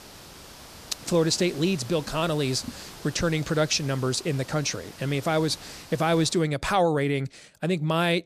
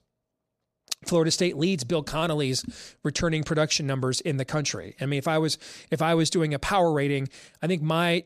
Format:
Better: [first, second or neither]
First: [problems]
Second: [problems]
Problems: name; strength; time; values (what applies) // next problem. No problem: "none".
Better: second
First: hiss; noticeable; until 6.5 s; 20 dB below the speech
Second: none